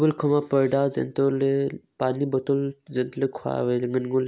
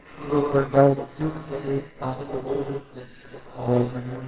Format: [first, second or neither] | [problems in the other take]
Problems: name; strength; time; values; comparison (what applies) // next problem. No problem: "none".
first | noise reduction (neural separator model SepFormer WHAMR!)